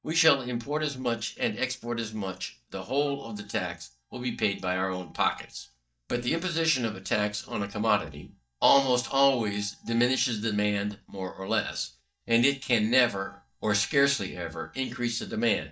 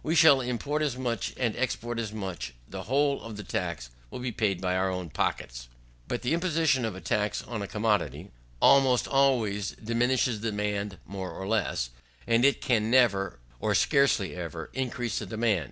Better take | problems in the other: second | noise reduction (neural mask model DeepFilterNet 3)

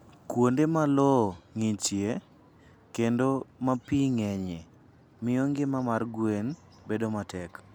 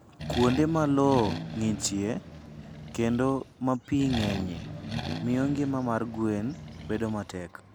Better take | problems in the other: first | background sound (Accelerating, revving, vroom); 9 dB below the speech

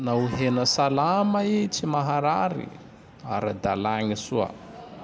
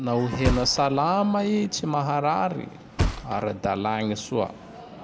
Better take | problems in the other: first | background sound (Thump, thud); 8 dB below the speech

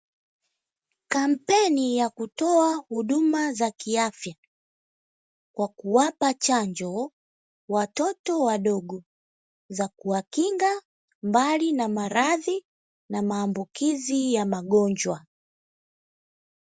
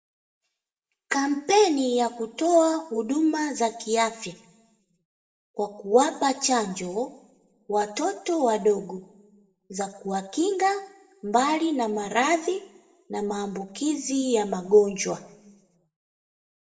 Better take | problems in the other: first | room echo; dies away in 0.6 s

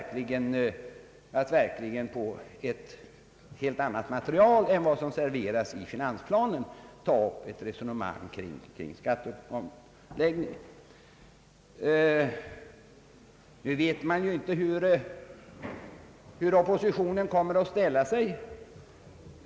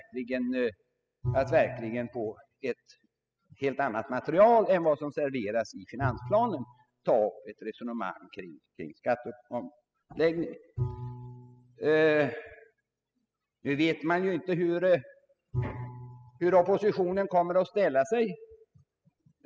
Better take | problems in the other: first | noise reduction (classical method spectral subtraction)

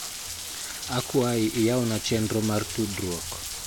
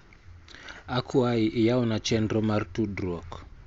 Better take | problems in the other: second | background sound (Rain); 8 dB below the speech

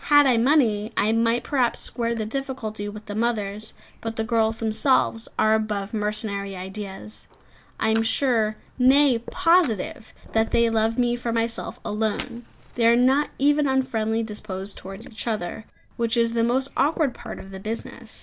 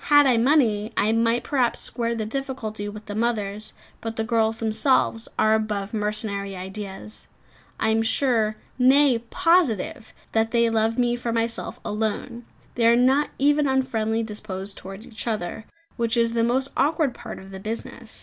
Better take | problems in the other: second | background sound (Fire); 18 dB below the speech

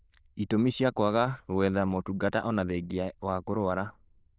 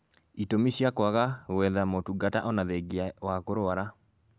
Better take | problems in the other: second | noise reduction (neural diffusion model UNIVERSE++)

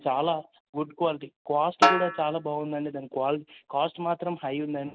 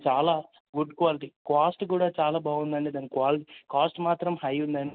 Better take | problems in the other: second | background sound (Snare drum); 1 dB above the speech

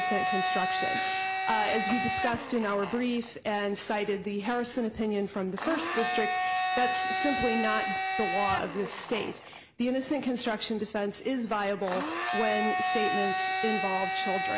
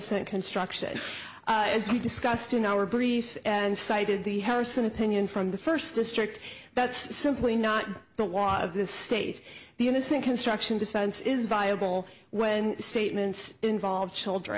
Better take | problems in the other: second | background sound (Domestic sounds, home sounds); 1 dB below the speech

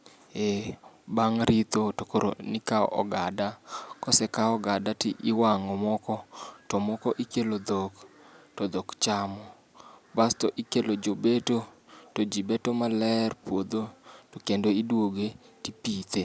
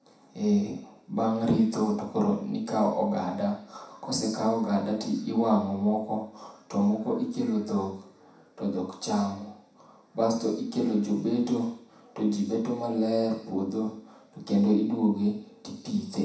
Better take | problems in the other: first | room echo; dies away in 0.7 s

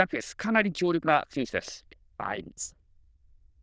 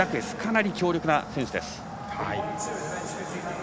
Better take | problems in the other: second | noise reduction (neural diffusion model UNIVERSE++)

